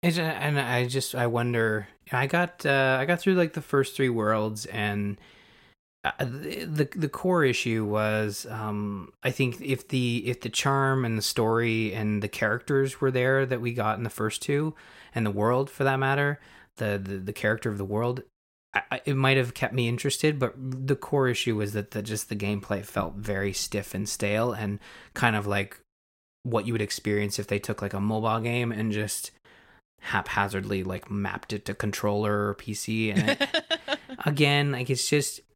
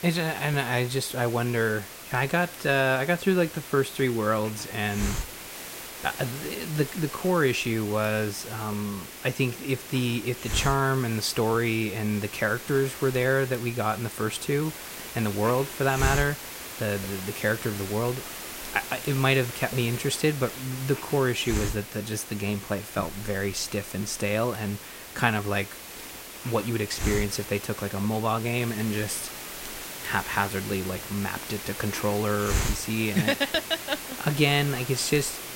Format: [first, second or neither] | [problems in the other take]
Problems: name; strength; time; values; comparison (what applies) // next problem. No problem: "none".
first | hiss; loud; throughout; 9 dB below the speech